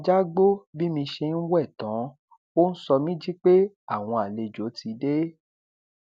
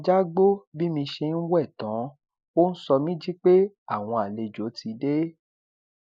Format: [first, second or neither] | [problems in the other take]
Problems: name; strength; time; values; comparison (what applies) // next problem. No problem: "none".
first | noise reduction (neural mask model Resemble Enhance denoiser)